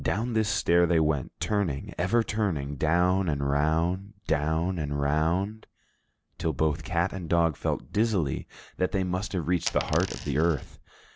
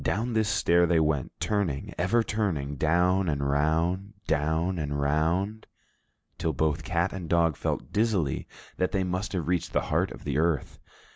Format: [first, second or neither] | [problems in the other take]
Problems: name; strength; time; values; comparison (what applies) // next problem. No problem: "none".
second | background sound (Coin (dropping)); 12 dB below the speech